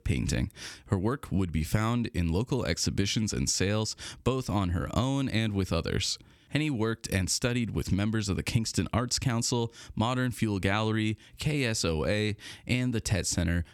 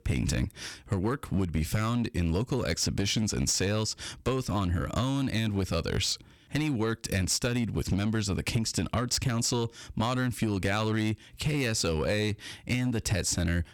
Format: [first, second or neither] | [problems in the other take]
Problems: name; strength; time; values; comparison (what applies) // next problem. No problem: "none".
first | distortion; slight; 7% of the sound clipped